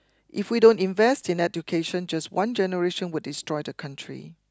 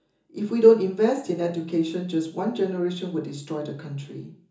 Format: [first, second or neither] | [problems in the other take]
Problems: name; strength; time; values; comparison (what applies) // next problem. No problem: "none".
first | room echo; dies away in 0.7 s